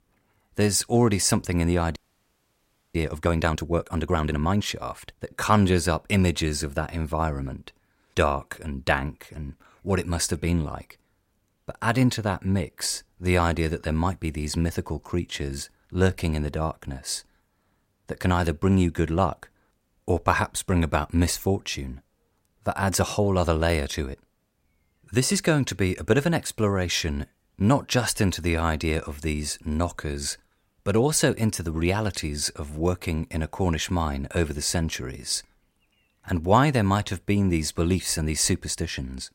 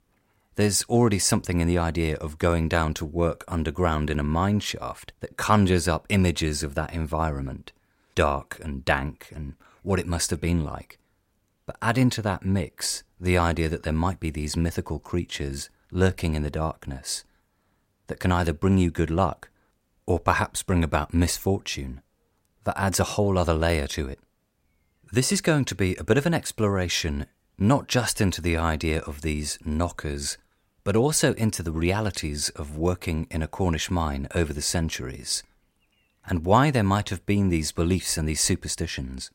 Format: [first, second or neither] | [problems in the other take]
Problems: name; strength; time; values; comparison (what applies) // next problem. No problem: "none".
second | audio freezing; at 2 s for 1 s